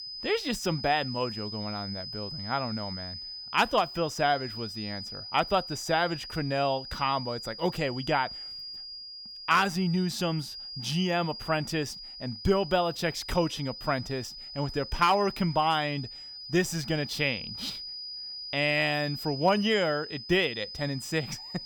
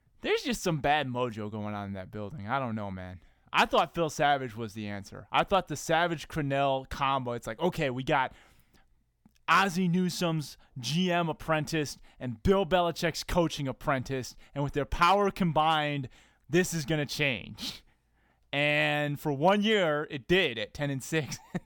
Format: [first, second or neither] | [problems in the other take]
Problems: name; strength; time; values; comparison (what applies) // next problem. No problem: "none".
second | high-pitched whine; loud; throughout; 5 kHz, 9 dB below the speech